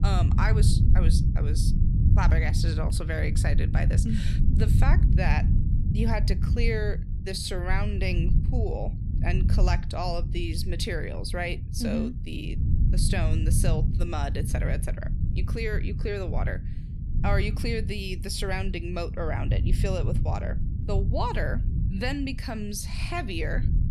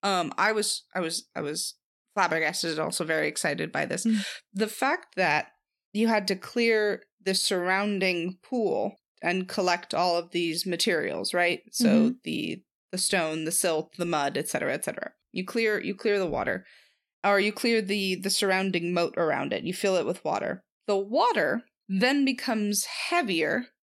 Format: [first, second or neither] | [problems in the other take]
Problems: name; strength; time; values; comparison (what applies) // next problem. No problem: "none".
second | low rumble; loud; throughout; 8 dB below the speech